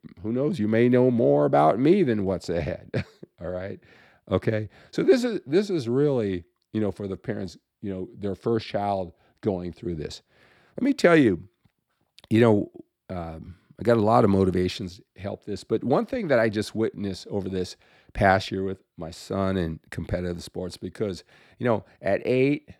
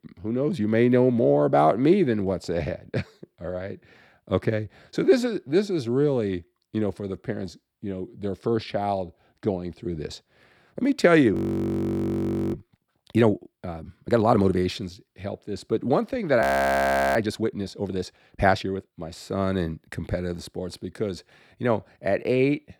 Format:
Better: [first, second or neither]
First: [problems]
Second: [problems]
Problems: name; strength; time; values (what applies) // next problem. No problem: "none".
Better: first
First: none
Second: audio freezing; at 11 s for 1 s and at 16 s for 0.5 s